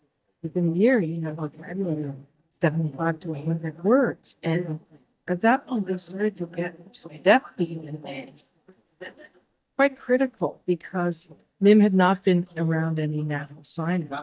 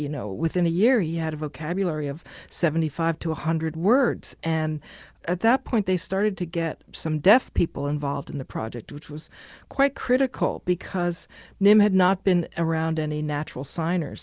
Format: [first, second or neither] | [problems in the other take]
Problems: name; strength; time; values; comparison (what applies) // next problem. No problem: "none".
second | noise reduction (neural mask model DeepFilterNet 3)